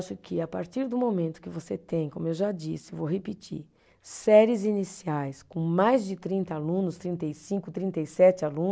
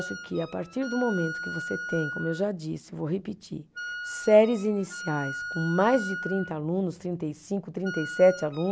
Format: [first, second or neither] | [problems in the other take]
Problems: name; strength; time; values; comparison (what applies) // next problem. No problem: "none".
first | background sound (Wind instrument, woodwind instrument); 11 dB below the speech